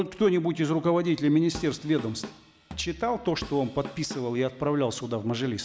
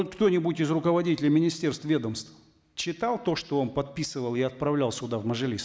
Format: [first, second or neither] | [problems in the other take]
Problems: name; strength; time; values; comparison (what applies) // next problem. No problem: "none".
second | background sound (Drum kit); 16 dB below the speech